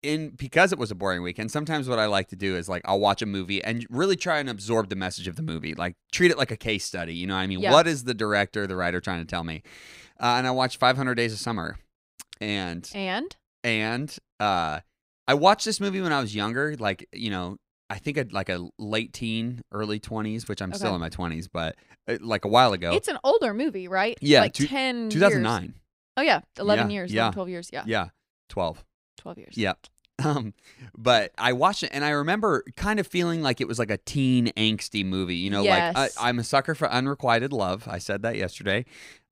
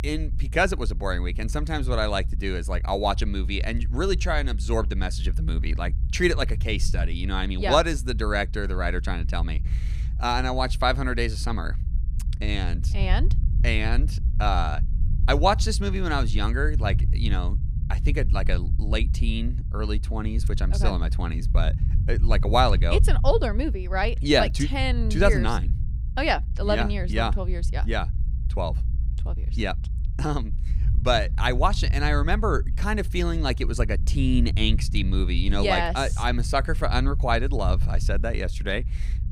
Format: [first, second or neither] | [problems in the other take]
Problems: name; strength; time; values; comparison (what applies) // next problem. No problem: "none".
first | low rumble; noticeable; throughout; 20 dB below the speech